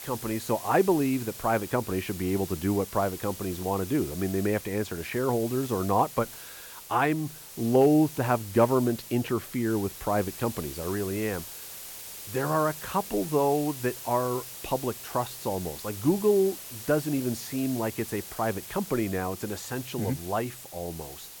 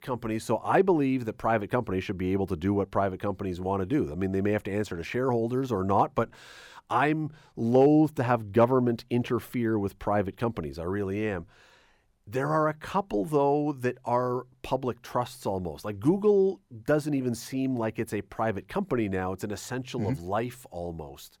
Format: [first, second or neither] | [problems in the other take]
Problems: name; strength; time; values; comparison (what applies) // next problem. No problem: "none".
second | hiss; noticeable; throughout; 10 dB below the speech